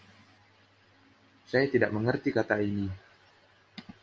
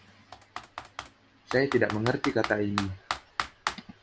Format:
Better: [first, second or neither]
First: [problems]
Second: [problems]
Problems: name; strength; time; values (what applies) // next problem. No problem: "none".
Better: first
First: none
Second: background sound (Computer keyboard); 7 dB below the speech